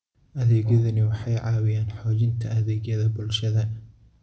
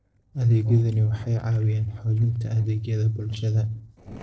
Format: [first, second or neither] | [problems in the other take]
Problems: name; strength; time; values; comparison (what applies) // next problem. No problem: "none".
first | noise reduction (neural separator model SepFormer DNS4)